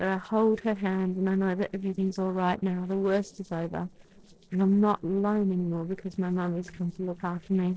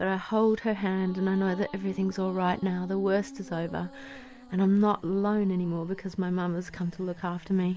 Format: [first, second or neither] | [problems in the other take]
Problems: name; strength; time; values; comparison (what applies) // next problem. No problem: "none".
second | noise reduction (neural separator model SepFormer DNS4)